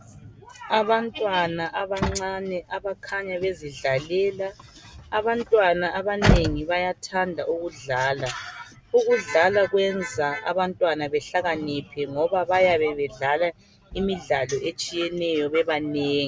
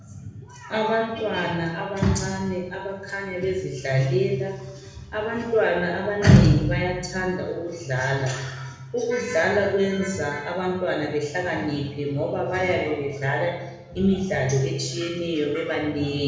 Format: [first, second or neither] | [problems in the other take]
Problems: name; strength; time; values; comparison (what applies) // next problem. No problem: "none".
first | room echo; dies away in 1 s